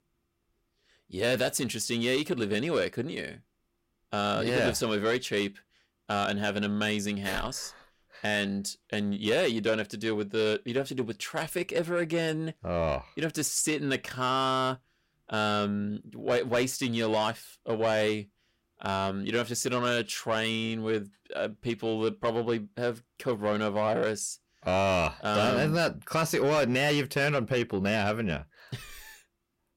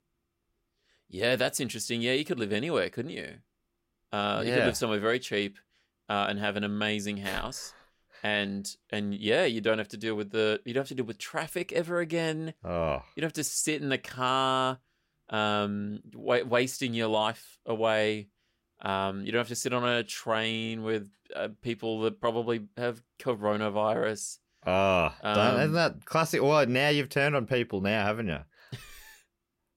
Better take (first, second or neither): second